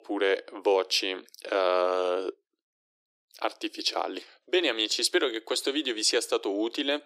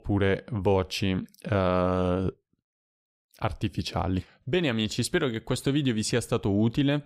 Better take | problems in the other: second | thin; very; fading below 300 Hz

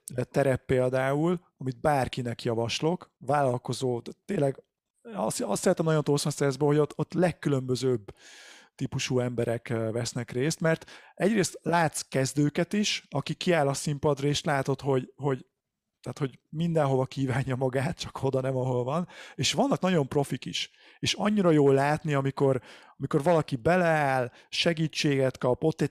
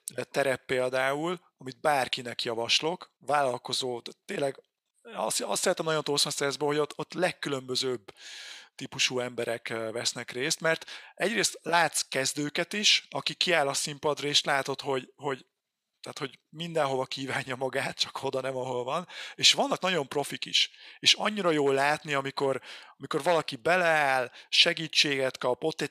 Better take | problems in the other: first | thin; somewhat; fading below 900 Hz

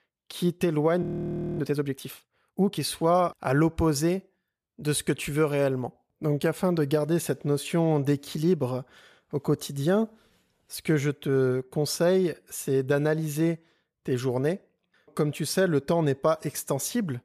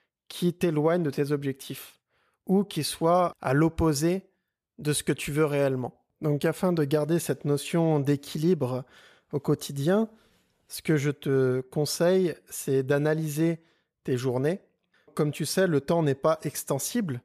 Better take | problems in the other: second | audio freezing; at 1 s for 0.5 s

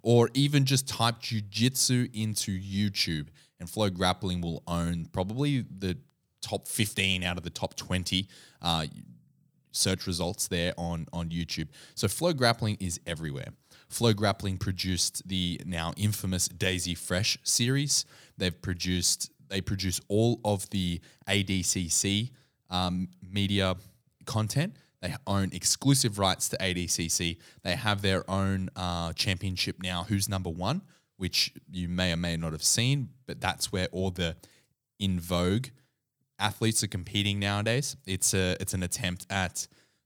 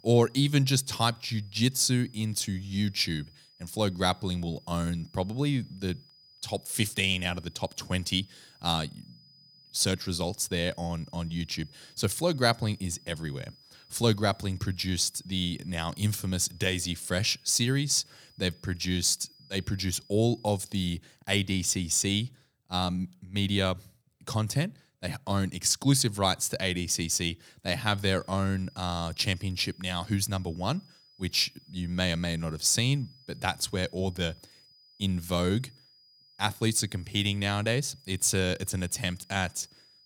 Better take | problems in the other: first | high-pitched whine; faint; until 21 s and from 28 s on; 5 kHz, 25 dB below the speech

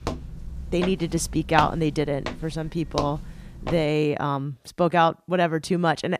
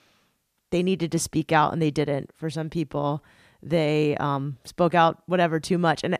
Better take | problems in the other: second | footsteps; noticeable; until 4 s; peak 5 dB below the speech

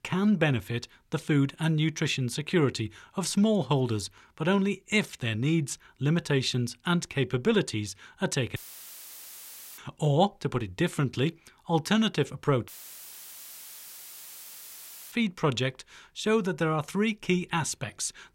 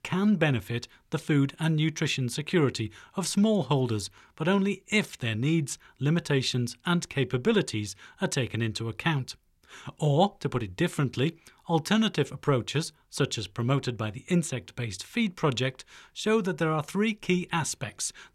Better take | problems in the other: second | audio cutting out; filled with static; at 8.5 s for 1 s and at 13 s for 2.5 s

